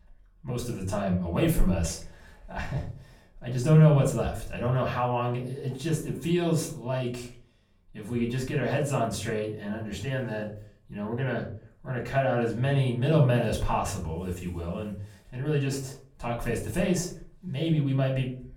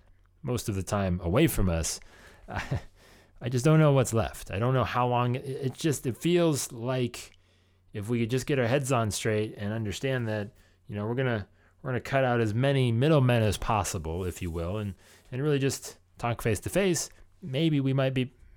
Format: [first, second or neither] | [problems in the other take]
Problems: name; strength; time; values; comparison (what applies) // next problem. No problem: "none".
second | off-mic speech; far // room echo; slight; dies away in 0.4 s